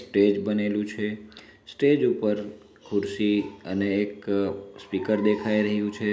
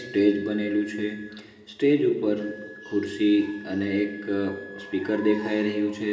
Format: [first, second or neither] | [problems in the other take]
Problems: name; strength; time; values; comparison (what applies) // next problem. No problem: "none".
first | background sound (Wind instrument, woodwind instrument); 19 dB below the speech // room echo; dies away in 1.7 s